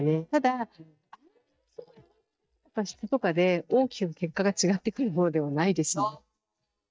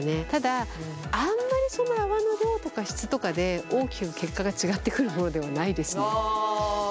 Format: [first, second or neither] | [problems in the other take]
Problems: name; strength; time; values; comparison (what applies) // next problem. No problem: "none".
second | noise reduction (neural mask model DeepFilterNet 3)